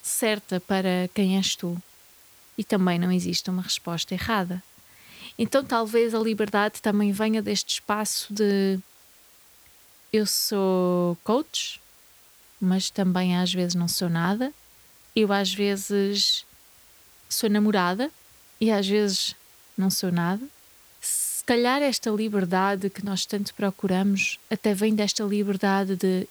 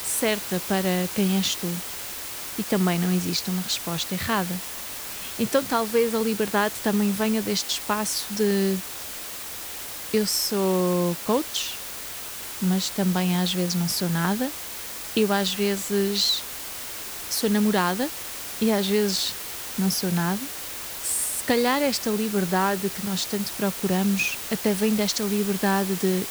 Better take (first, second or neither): first